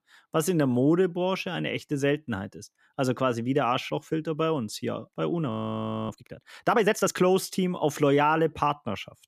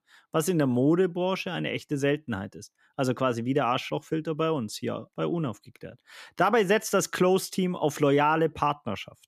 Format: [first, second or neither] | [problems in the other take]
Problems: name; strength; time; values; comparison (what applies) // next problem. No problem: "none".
second | audio freezing; at 5.5 s for 0.5 s